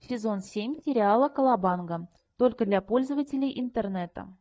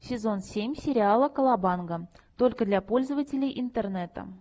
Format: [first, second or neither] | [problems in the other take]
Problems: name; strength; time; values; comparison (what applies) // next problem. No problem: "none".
second | noise reduction (neural mask model DeepFilterNet 3)